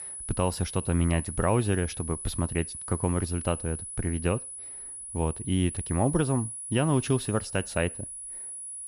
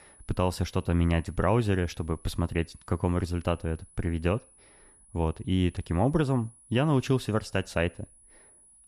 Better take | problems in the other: second | high-pitched whine; loud; throughout; 10 kHz, 7 dB below the speech; faint in the second

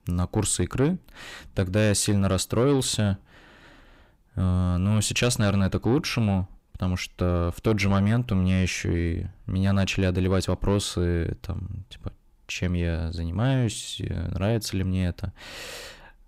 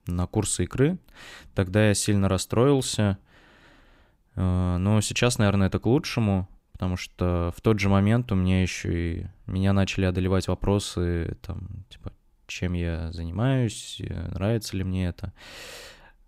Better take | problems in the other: second | distortion; slight; 10 dB below the speech

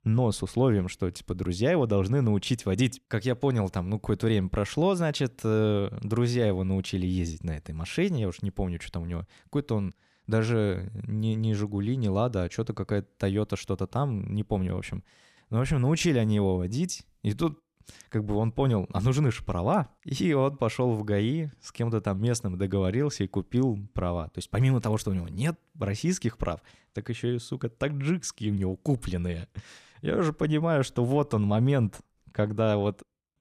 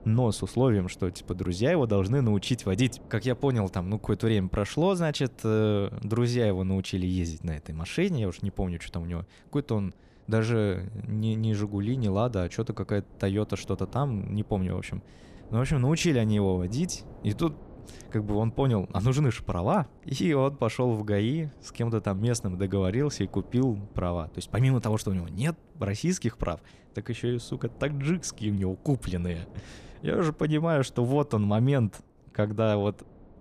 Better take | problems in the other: first | wind noise on the microphone; occasional gusts; 25 dB below the speech

